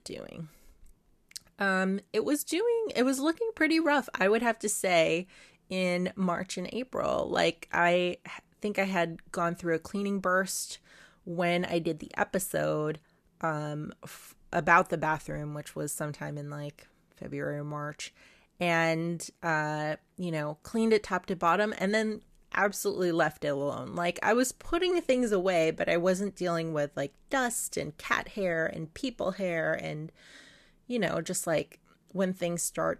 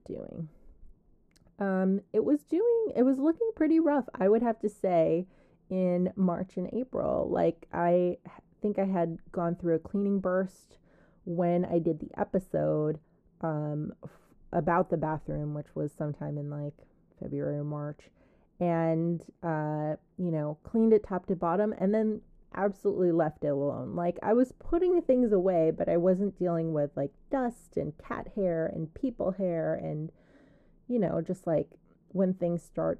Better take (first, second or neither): first